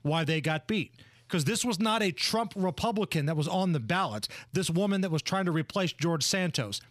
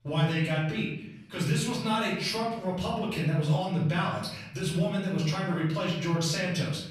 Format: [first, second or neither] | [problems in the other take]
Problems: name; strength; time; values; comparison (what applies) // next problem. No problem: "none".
first | off-mic speech; far // room echo; noticeable; dies away in 0.8 s